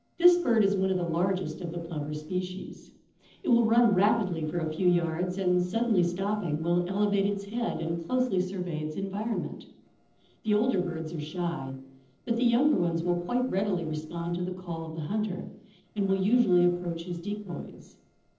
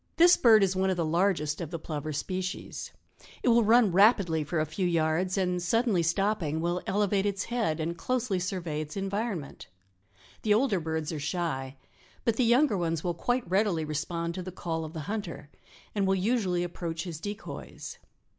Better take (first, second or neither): second